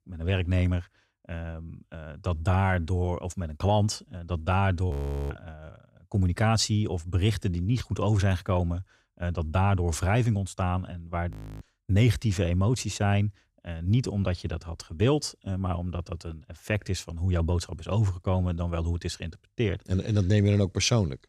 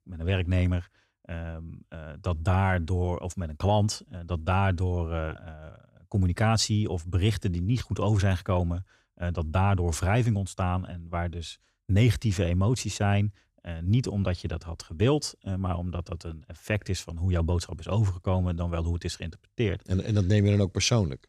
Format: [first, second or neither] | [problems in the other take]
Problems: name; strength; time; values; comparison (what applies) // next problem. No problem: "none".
second | audio freezing; at 5 s and at 11 s